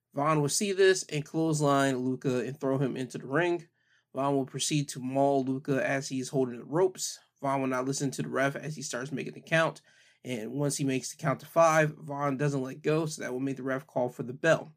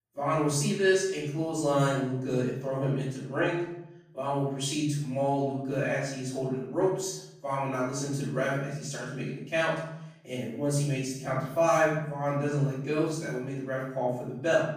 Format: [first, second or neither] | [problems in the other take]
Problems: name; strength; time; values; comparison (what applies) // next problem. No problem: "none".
first | off-mic speech; far // room echo; noticeable; dies away in 0.7 s